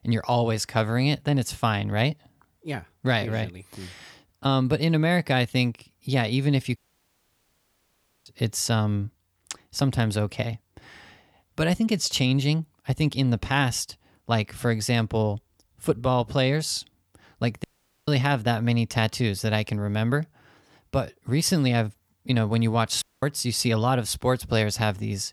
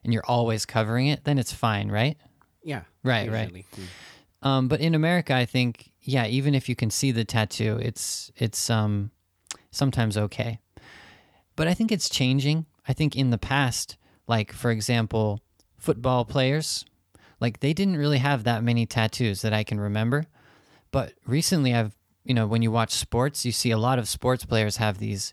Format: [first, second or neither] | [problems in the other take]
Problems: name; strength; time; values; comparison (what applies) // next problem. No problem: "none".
second | audio cutting out; at 7 s for 1.5 s, at 18 s and at 23 s